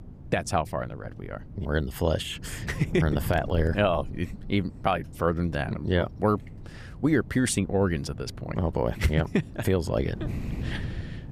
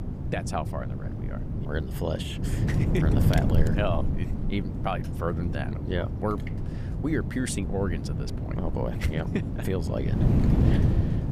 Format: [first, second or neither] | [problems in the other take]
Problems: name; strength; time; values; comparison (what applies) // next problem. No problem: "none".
first | wind noise on the microphone; heavy; 4 dB below the speech; occasional gusts in the first